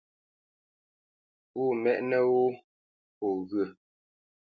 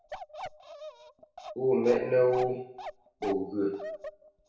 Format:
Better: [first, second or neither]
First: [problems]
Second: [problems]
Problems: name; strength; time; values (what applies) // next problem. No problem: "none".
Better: first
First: none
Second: background sound (Bark); 13 dB below the speech // room echo; dies away in 0.6 s